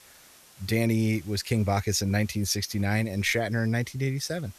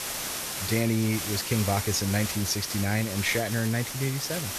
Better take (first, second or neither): first